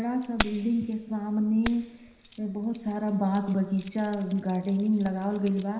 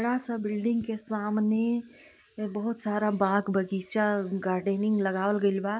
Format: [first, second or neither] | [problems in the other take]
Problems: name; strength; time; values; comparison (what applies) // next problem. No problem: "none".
second | background sound (Keys jangling); 14 dB below the speech // room echo; dies away in 0.9 s